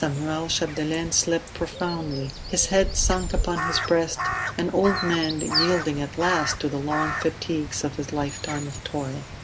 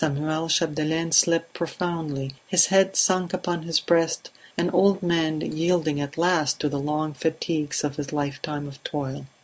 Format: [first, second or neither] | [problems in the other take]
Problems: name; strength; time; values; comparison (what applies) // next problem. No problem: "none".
second | background sound (Crow); 5 dB below the speech